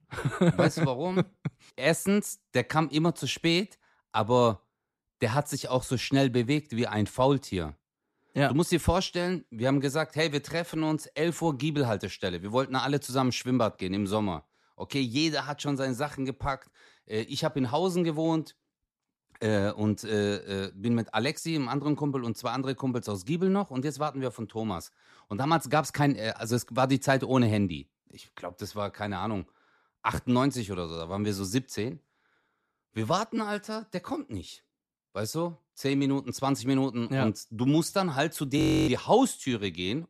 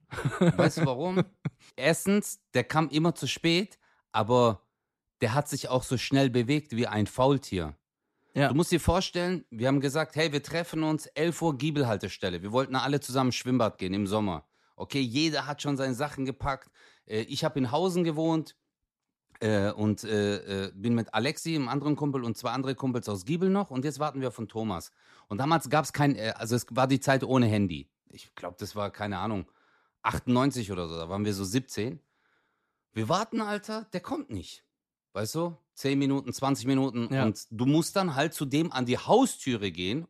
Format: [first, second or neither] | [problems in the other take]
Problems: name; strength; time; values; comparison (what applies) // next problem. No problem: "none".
second | audio freezing; at 39 s